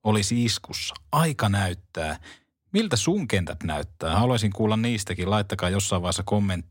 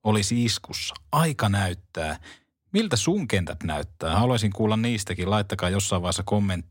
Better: neither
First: none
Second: none

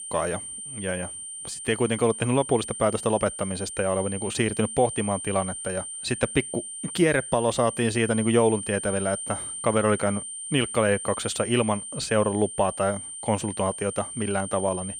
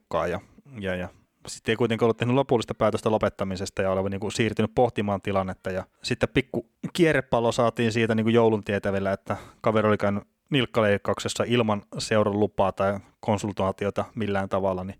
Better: second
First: high-pitched whine; loud; throughout; 9 kHz, 7 dB below the speech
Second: none

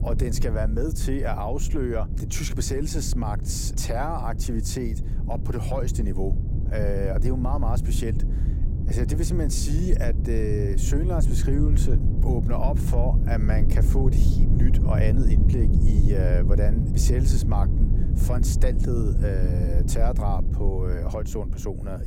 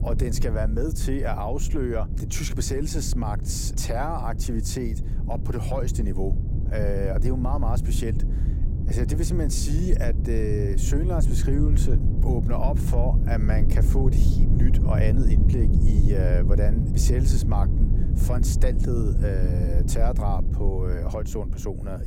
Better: neither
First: low rumble; loud; throughout; 6 dB below the speech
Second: low rumble; loud; throughout; 6 dB below the speech

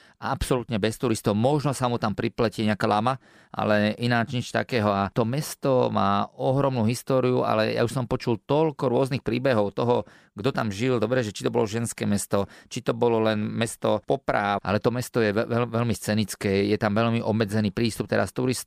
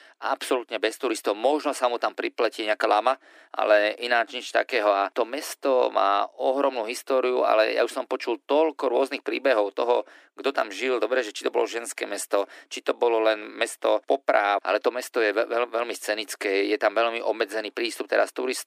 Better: first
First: none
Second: thin; very; fading below 300 Hz

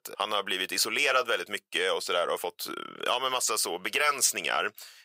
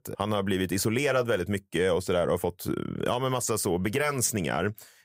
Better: second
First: thin; very; fading below 600 Hz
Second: none

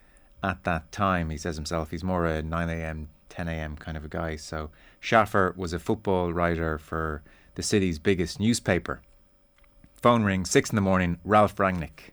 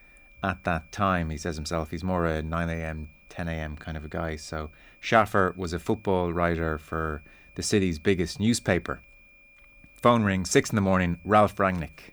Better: first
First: none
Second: high-pitched whine; faint; throughout; 2.5 kHz, 30 dB below the speech

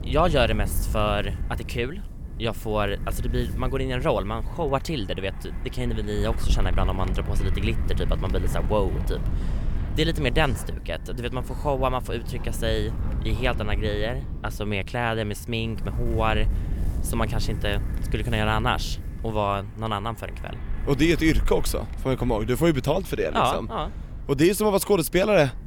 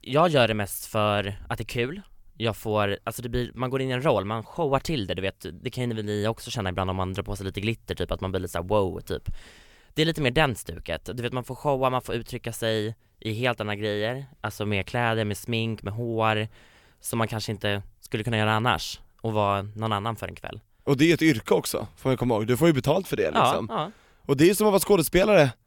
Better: second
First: wind noise on the microphone; occasional gusts; 15 dB below the speech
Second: none

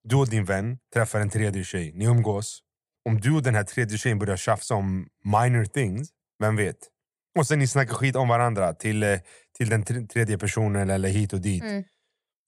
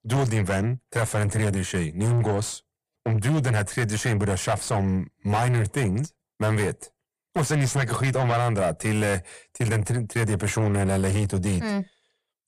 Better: first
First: none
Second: distortion; heavy; 7 dB below the speech

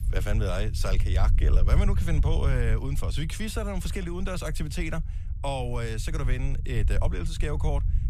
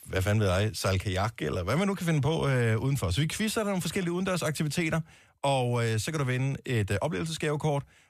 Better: second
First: low rumble; noticeable; throughout; 15 dB below the speech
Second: none

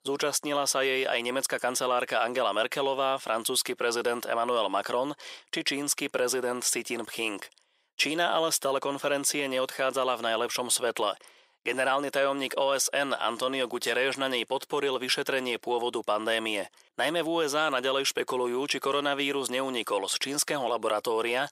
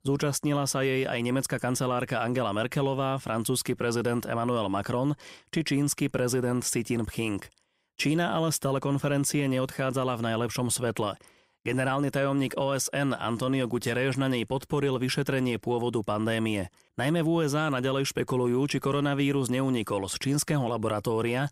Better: second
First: thin; somewhat; fading below 550 Hz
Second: none

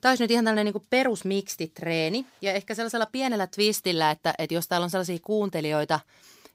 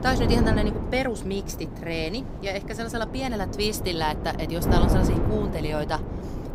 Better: first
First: none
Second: wind noise on the microphone; heavy; 5 dB below the speech

